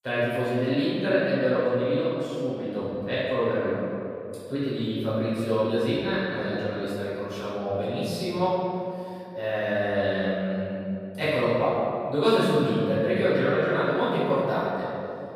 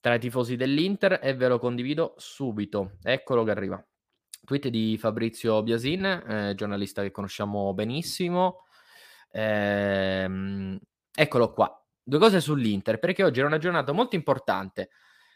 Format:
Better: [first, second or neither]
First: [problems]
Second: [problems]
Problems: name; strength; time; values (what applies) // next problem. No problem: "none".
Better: second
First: off-mic speech; far // room echo; strong; dies away in 2.5 s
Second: none